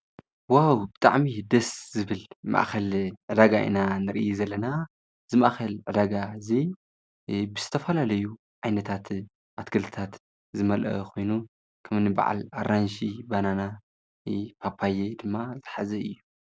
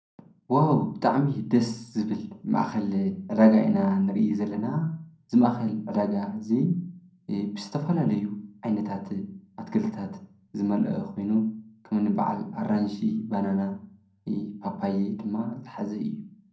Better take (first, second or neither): first